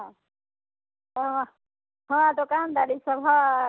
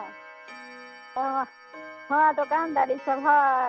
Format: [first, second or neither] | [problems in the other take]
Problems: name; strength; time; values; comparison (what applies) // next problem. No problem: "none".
first | background sound (Clock); 19 dB below the speech